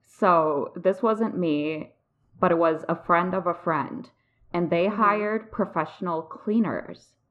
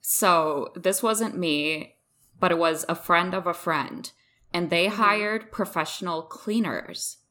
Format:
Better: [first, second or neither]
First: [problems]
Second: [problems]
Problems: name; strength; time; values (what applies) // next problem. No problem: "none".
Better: second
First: muffled; very; fading above 1.5 kHz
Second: none